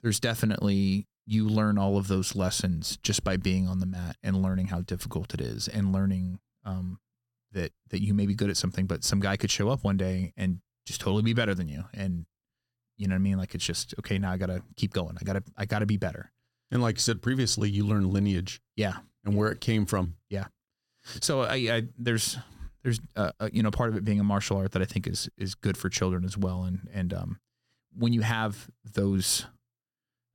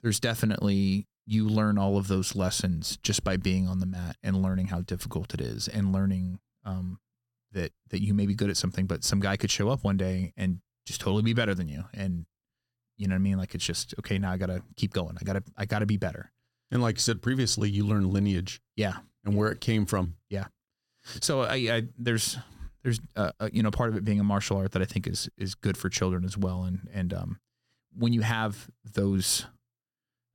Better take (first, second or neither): neither